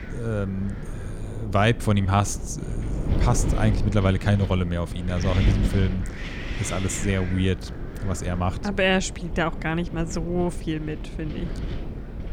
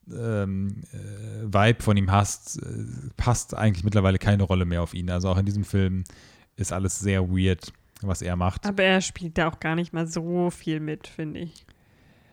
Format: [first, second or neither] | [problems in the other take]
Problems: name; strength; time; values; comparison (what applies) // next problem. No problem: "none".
second | wind noise on the microphone; occasional gusts; 10 dB below the speech